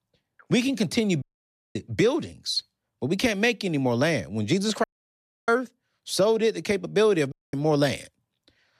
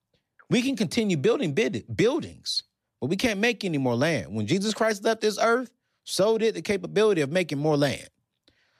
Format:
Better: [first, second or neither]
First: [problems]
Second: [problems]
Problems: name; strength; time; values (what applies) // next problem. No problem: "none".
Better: second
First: audio cutting out; at 1 s for 0.5 s, at 5 s for 0.5 s and at 7.5 s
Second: none